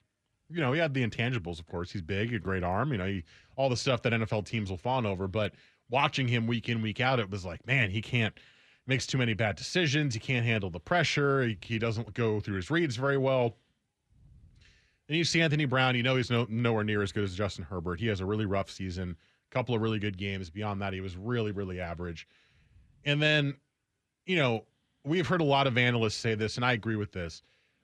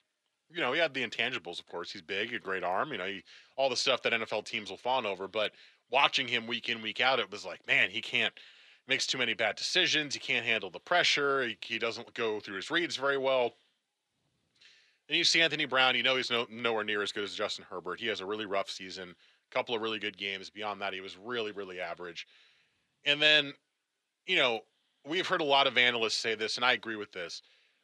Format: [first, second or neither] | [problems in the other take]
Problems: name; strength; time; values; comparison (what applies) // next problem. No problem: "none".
first | thin; somewhat; fading below 450 Hz